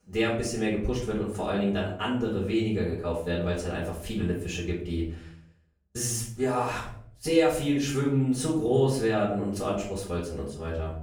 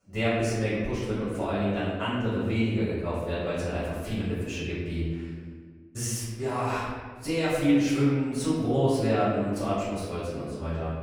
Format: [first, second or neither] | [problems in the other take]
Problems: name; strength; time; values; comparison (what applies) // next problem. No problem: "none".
first | room echo; strong; dies away in 1.5 s; slight in the first // off-mic speech; far; far in the first